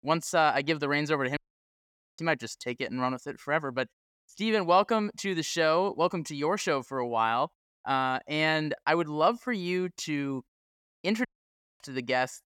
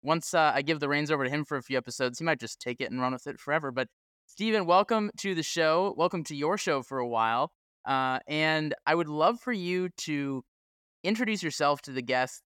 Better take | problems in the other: second | audio cutting out; at 1.5 s for 1 s and at 11 s for 0.5 s

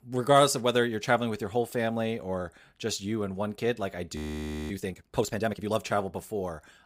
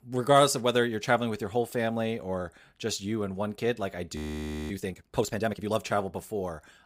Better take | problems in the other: neither | audio freezing; at 4 s for 0.5 s; the same in both

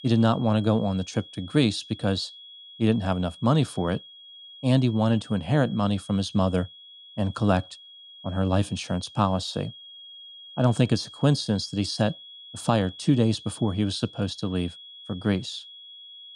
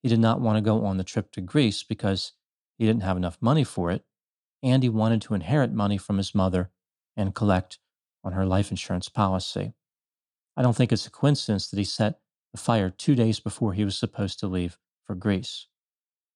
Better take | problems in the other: second | high-pitched whine; noticeable; throughout; 3.5 kHz, 20 dB below the speech

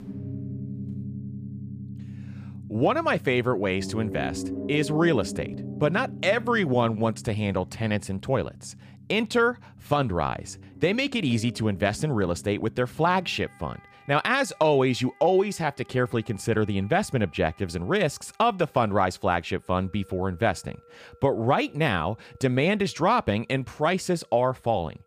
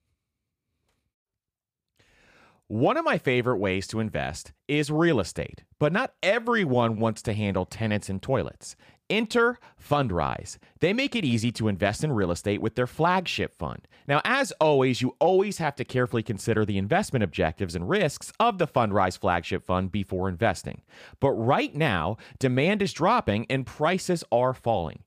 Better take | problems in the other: second | background music; noticeable; throughout; 15 dB below the speech

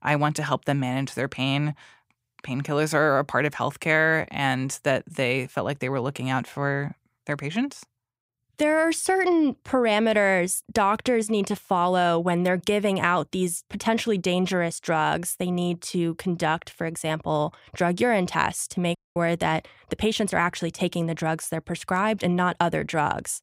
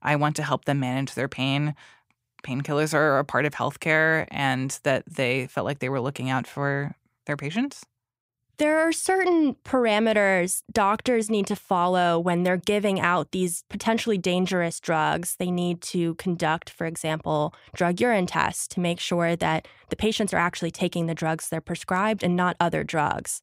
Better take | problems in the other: second | audio cutting out; at 19 s

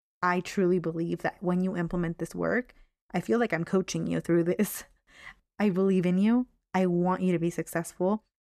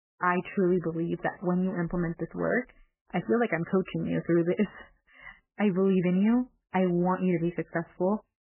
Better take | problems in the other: first | garbled, watery; badly; nothing above 3 kHz

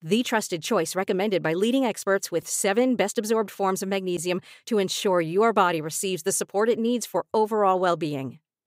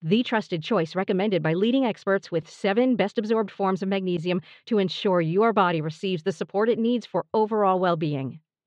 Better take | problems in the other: first | muffled; slightly; fading above 4 kHz

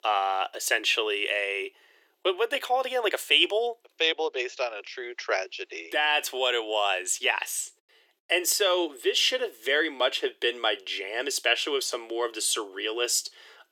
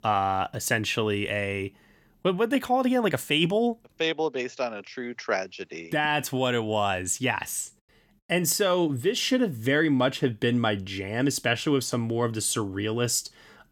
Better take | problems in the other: second | thin; very; fading below 350 Hz

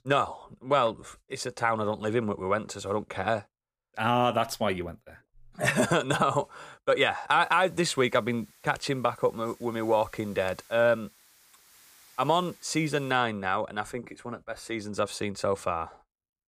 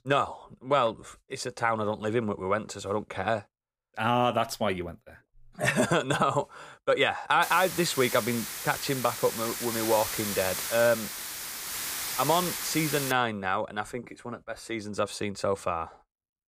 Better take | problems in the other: first | hiss; loud; from 7.5 to 13 s; 4 dB below the speech; faint in the first

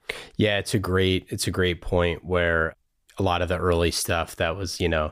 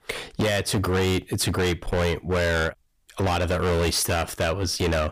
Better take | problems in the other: first | distortion; heavy; 23% of the sound clipped

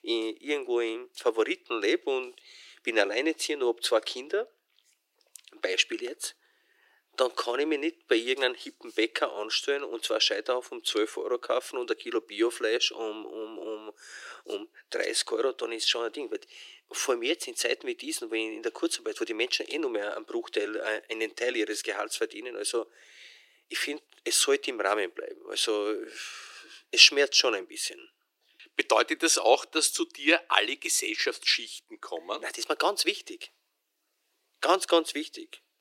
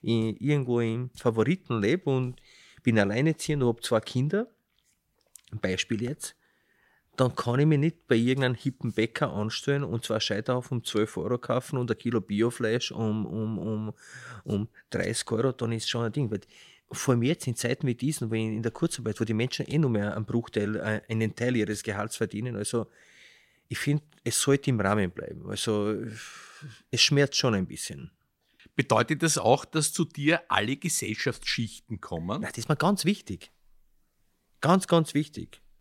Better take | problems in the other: second | thin; very; fading below 350 Hz

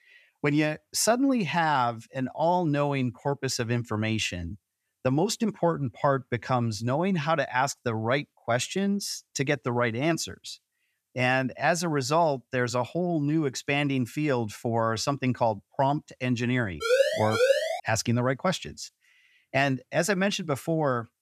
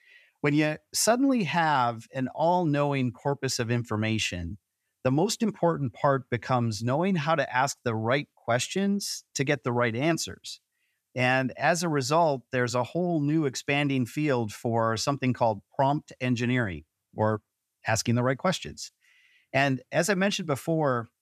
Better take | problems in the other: second | siren; loud; at 17 s; peak 3 dB above the speech

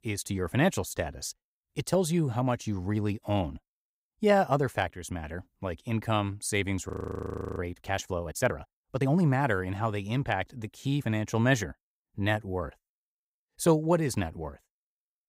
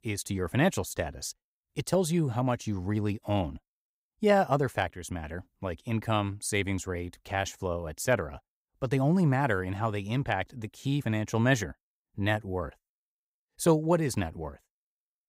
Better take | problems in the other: second | audio freezing; at 7 s for 0.5 s

